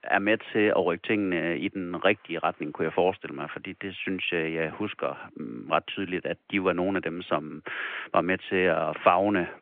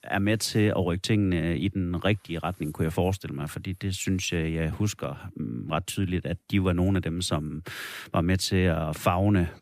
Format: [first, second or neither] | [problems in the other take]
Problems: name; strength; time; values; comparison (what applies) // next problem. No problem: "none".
second | phone-call audio